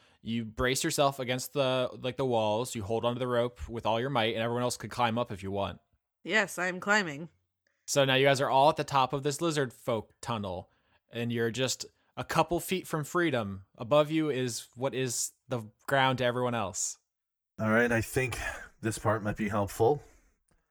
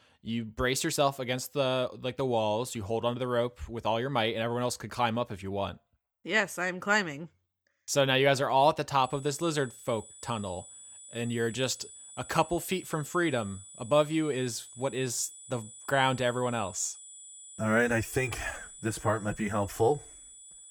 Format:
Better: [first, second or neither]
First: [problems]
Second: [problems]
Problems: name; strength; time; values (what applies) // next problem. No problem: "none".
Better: first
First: none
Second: high-pitched whine; noticeable; from 9 s on; 8 kHz, 15 dB below the speech